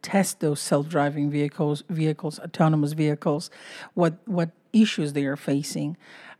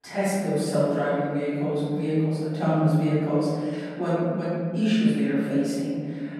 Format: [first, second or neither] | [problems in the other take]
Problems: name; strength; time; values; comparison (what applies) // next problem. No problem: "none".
first | off-mic speech; far // room echo; strong; dies away in 1.9 s